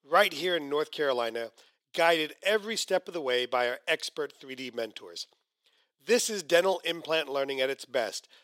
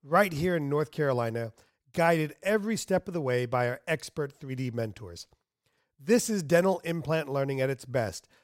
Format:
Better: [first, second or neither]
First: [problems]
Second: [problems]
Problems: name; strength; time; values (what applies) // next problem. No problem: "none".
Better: second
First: thin; somewhat; fading below 300 Hz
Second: none